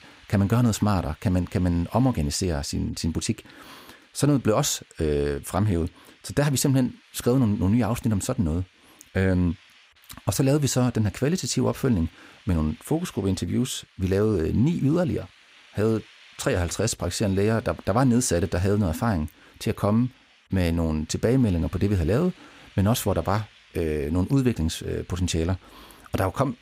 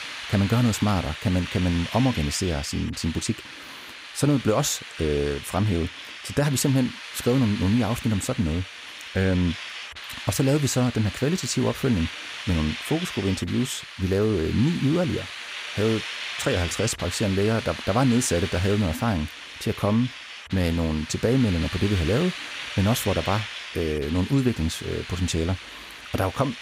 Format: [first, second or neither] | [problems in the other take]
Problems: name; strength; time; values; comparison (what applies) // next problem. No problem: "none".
first | hiss; loud; throughout; 9 dB below the speech; faint in the first